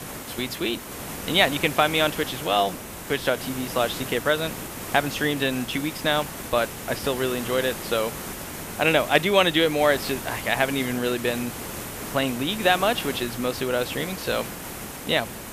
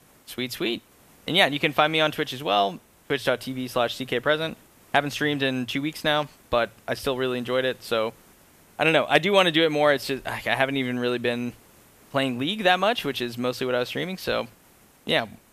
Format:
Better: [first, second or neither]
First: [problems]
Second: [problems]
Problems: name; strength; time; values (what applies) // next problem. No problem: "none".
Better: second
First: hiss; loud; throughout; 9 dB below the speech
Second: hiss; faint; throughout; 30 dB below the speech